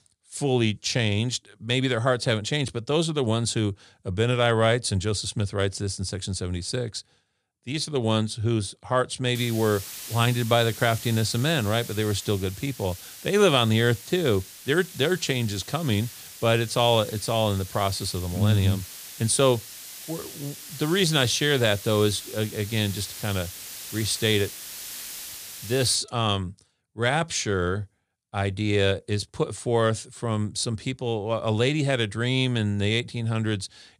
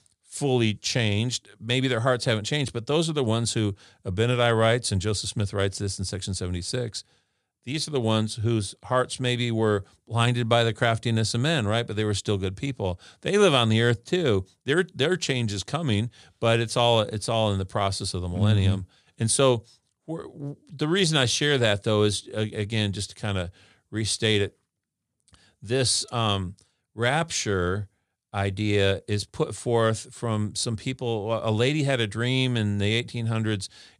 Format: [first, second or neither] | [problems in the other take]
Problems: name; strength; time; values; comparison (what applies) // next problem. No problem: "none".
second | hiss; noticeable; from 9.5 to 26 s; 15 dB below the speech